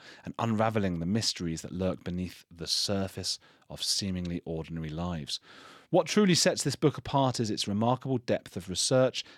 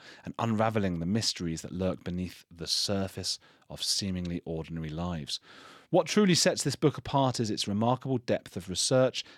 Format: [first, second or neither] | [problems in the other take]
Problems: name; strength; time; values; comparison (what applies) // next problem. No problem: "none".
neither | none